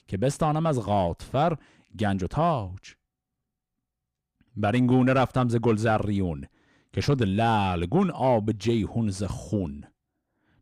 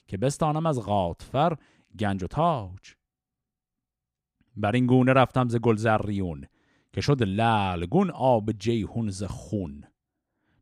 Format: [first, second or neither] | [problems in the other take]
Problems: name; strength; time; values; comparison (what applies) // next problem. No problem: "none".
second | distortion; slight; 10 dB below the speech